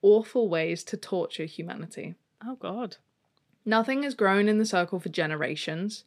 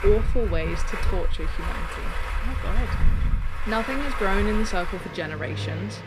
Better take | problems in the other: first | traffic noise; very loud; throughout; as loud as the speech

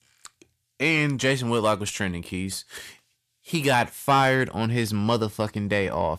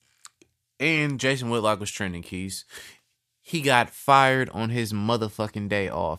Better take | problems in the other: second | distortion; slight; 10 dB below the speech

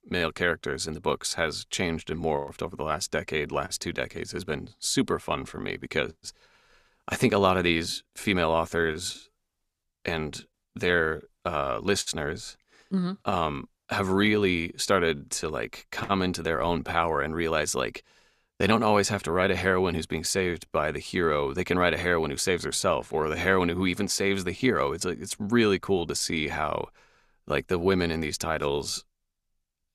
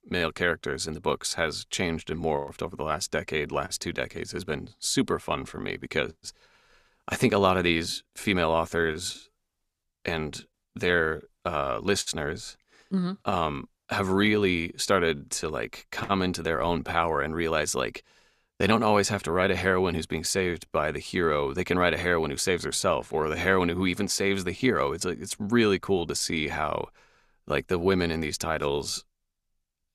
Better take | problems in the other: neither | none

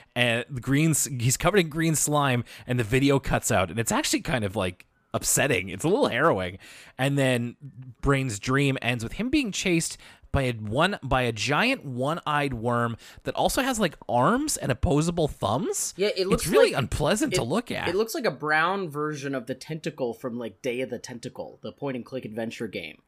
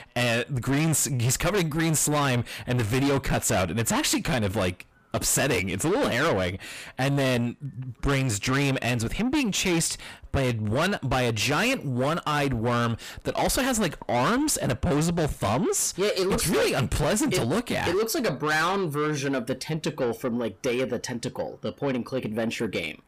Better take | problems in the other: first | distortion; heavy; 6 dB below the speech

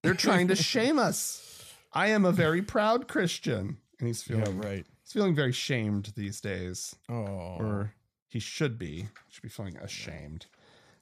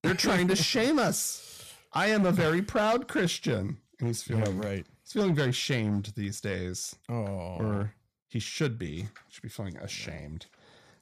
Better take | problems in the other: first | distortion; slight; 5% of the sound clipped

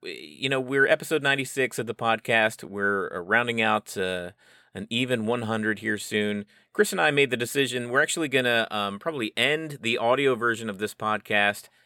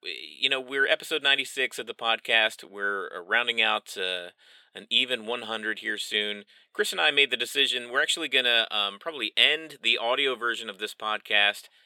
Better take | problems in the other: first | thin; somewhat; fading below 350 Hz

